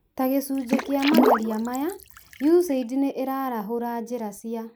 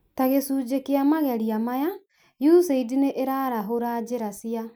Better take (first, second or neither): second